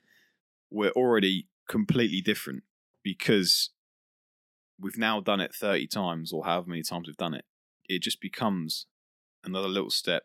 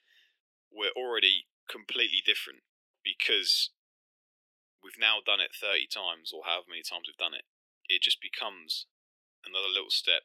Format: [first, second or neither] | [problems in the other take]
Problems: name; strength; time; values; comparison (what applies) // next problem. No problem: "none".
first | thin; very; fading below 350 Hz